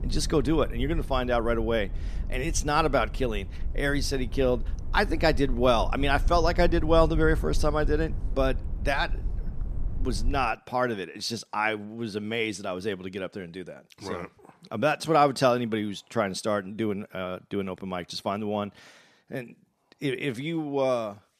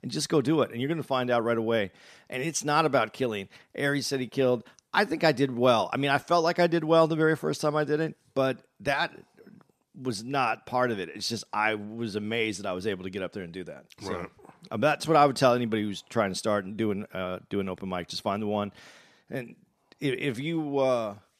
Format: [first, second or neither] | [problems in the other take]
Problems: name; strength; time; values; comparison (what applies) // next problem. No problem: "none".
second | low rumble; faint; until 10 s; 25 dB below the speech